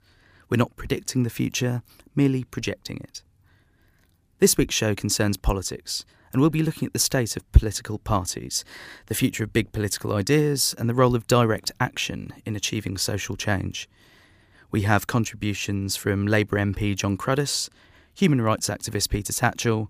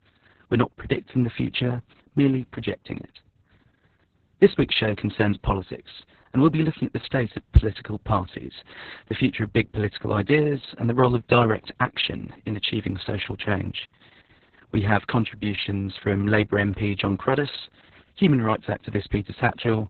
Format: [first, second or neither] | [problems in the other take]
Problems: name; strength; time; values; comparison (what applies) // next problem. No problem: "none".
first | garbled, watery; badly; nothing above 4 kHz